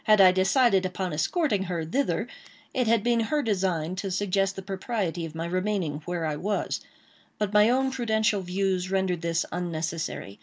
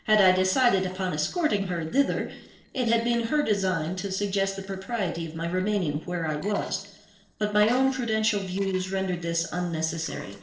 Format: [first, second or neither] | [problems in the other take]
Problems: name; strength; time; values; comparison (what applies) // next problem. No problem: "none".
first | noise reduction (neural separator model SepFormer DNS4)